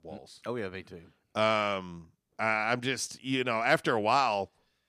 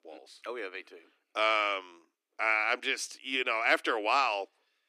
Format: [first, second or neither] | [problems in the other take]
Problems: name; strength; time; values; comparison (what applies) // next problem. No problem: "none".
first | thin; somewhat; fading below 300 Hz